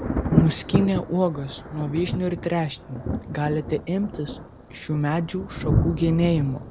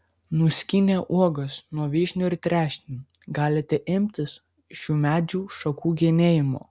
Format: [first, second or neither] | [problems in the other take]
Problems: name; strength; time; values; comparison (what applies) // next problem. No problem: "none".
second | background sound (Thunder); 3 dB below the speech